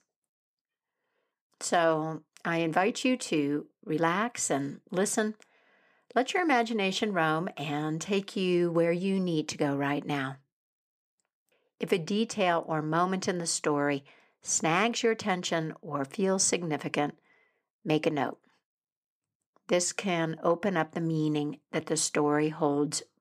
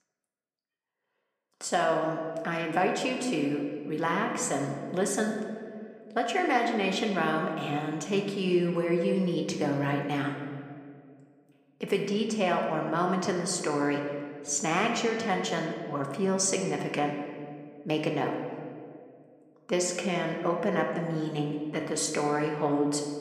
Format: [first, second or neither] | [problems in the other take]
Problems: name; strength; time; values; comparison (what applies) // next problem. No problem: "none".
first | room echo; slight; dies away in 1.6 s